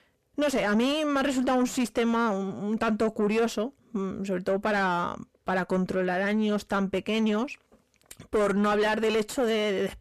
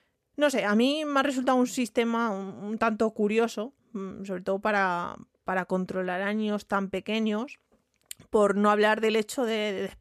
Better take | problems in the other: second | distortion; heavy; 8 dB below the speech

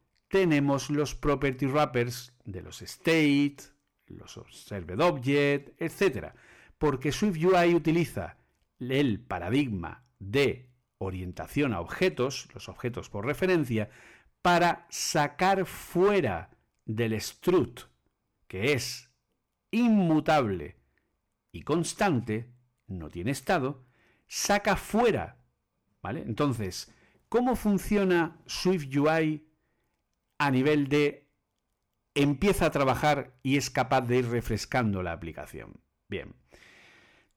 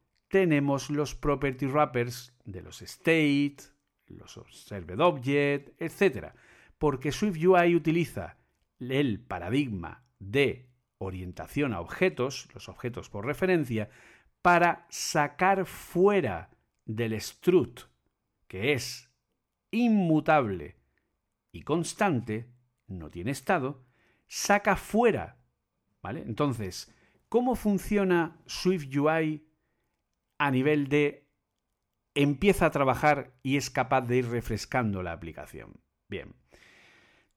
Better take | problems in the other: second | distortion; slight; 4% of the sound clipped

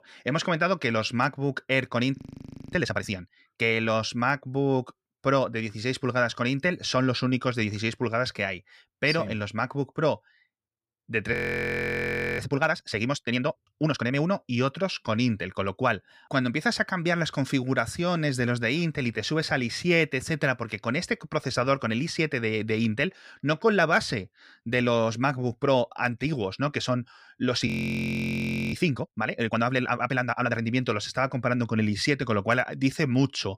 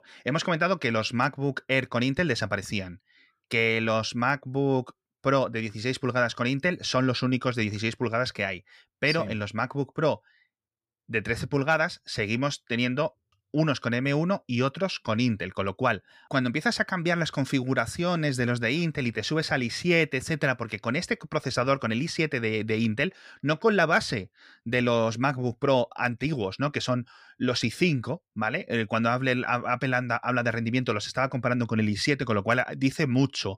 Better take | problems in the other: second | audio freezing; at 2 s for 0.5 s, at 11 s for 1 s and at 28 s for 1 s

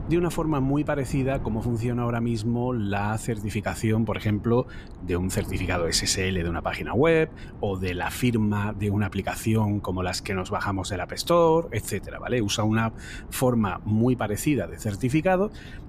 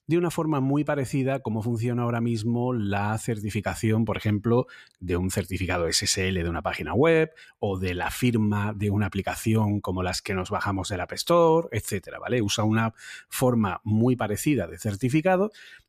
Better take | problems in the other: second | wind noise on the microphone; occasional gusts; 20 dB below the speech

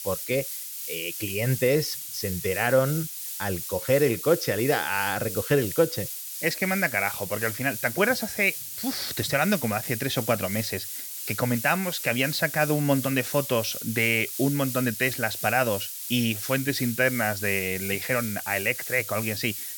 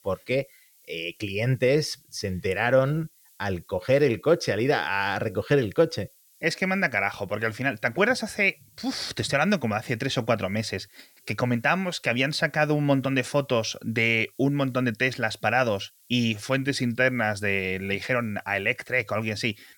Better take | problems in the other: second | hiss; loud; throughout; 6 dB below the speech; faint in the second

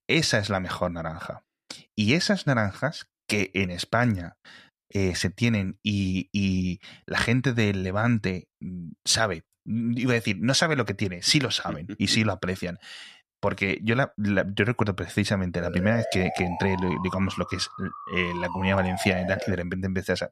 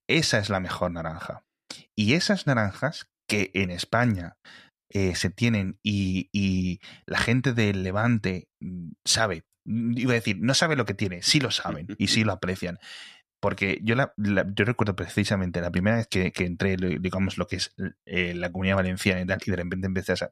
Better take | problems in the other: second | siren; noticeable; from 16 to 20 s; peak 7 dB below the speech

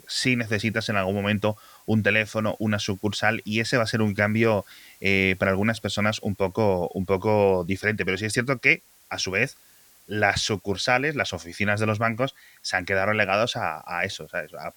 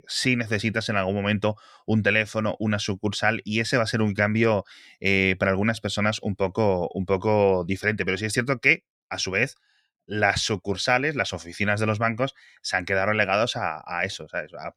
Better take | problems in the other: second | hiss; faint; throughout; 30 dB below the speech

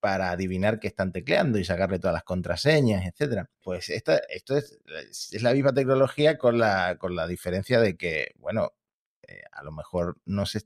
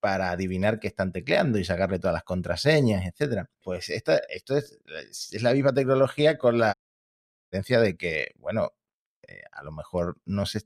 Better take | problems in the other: first | audio cutting out; at 6.5 s for 1 s

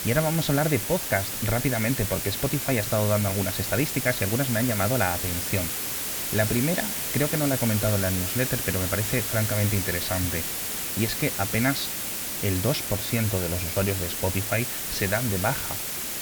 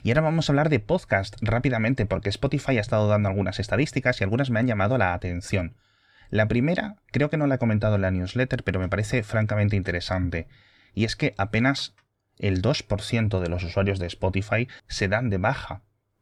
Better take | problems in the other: second | hiss; loud; throughout; 1 dB below the speech

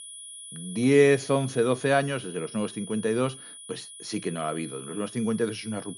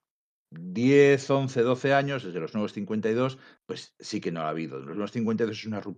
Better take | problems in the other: second | high-pitched whine; noticeable; throughout; 10 kHz, 15 dB below the speech

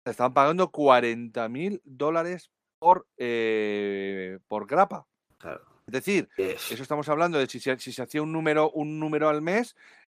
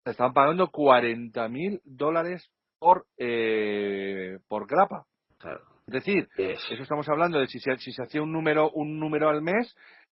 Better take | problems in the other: first | garbled, watery; badly; nothing above 5.5 kHz

